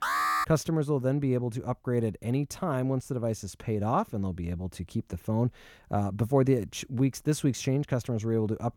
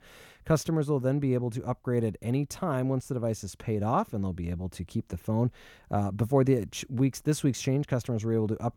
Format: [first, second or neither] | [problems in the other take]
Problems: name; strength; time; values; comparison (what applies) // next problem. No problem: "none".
second | alarm; loud; at the start; peak 3 dB above the speech